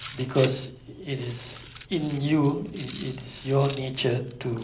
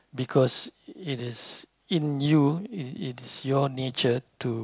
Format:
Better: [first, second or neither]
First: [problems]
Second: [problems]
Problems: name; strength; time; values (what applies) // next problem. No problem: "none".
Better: second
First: background sound (Rattle); 16 dB below the speech // room echo; dies away in 0.5 s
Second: none